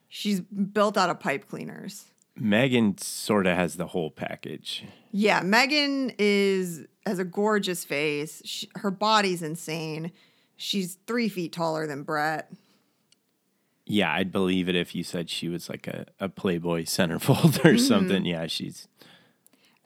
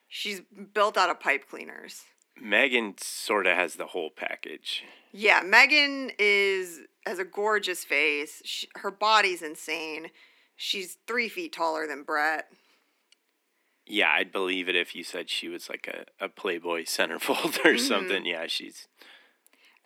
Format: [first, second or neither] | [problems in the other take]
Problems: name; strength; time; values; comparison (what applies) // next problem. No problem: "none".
first | thin; somewhat; fading below 300 Hz